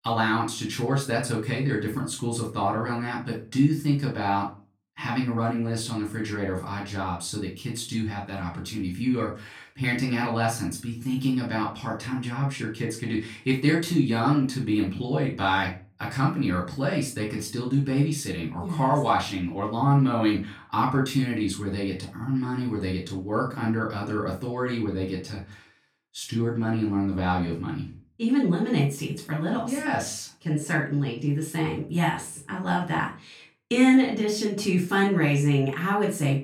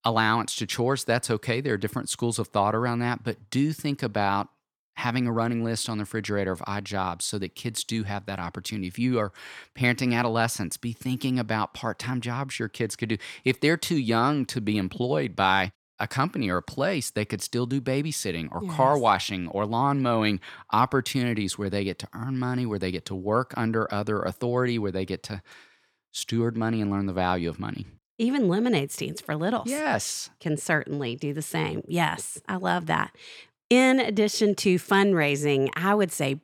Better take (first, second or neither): second